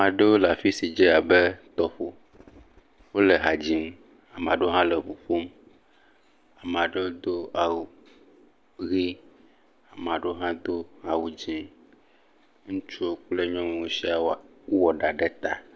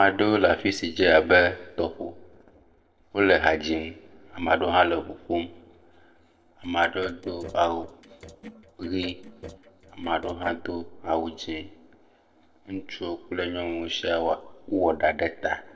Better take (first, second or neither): first